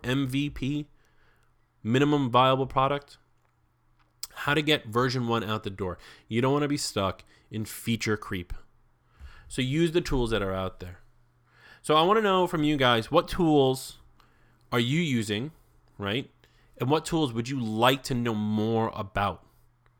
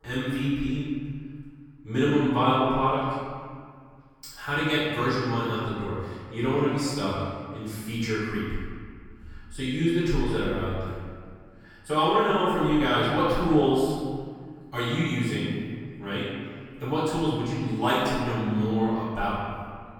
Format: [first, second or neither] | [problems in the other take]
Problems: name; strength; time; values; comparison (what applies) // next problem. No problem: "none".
first | off-mic speech; far // room echo; strong; dies away in 1.8 s